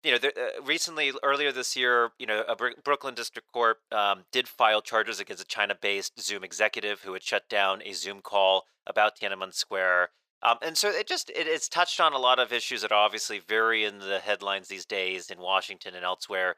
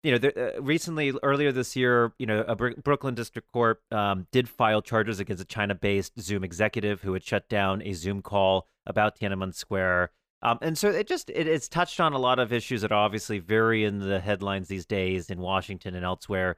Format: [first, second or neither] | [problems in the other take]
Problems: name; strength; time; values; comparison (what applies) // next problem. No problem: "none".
second | thin; very; fading below 650 Hz